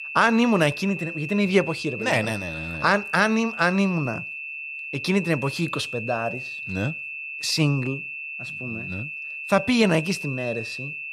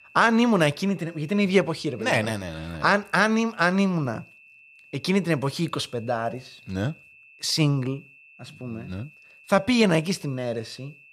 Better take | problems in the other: second | high-pitched whine; loud; throughout; 2.5 kHz, 8 dB below the speech; faint in the second

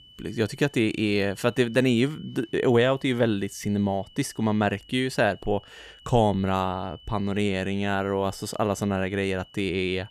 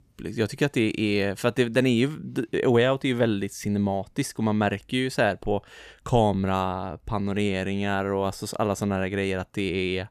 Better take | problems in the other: second | high-pitched whine; faint; throughout; 3 kHz, 25 dB below the speech

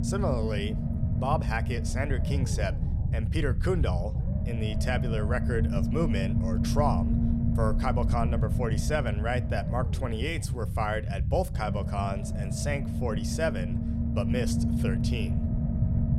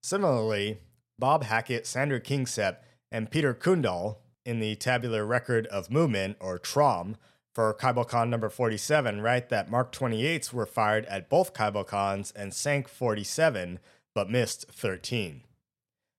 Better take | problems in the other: second | low rumble; loud; throughout; 7 dB below the speech

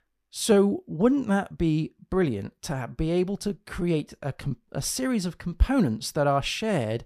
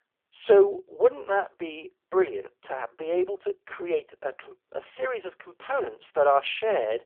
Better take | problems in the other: first | phone-call audio; poor line; nothing above 3.5 kHz

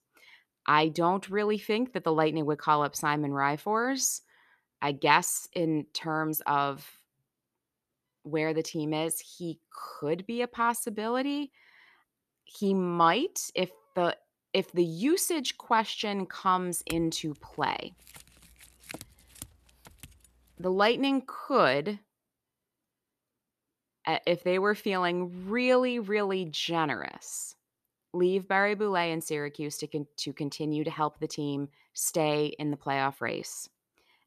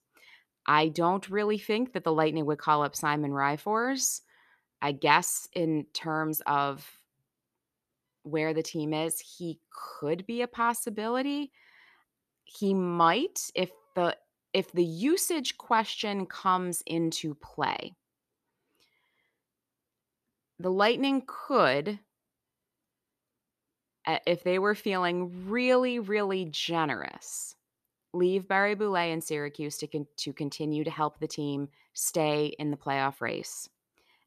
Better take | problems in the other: second | clattering dishes; faint; from 17 to 20 s; peak 15 dB below the speech

